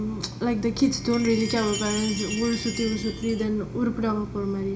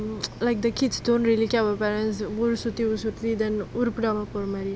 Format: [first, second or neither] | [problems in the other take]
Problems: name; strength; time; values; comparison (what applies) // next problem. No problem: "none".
second | background sound (Chime); 11 dB below the speech // room echo; dies away in 0.4 s